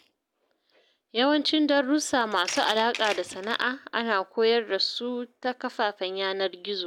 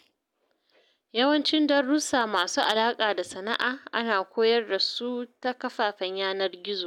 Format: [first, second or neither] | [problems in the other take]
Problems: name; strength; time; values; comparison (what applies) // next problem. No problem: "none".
second | background sound (Tools); 13 dB below the speech